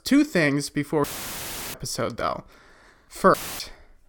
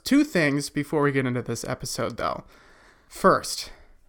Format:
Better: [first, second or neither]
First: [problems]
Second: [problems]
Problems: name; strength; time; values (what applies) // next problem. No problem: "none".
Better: second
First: audio cutting out; filled with static; at 1 s for 0.5 s and at 3.5 s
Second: none